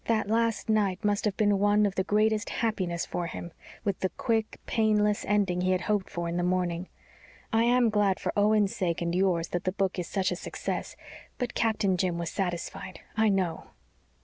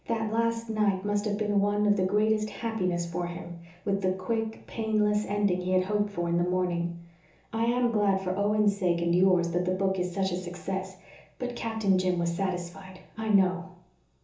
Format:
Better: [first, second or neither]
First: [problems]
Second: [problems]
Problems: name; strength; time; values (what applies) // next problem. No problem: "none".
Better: first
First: none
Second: room echo; dies away in 0.6 s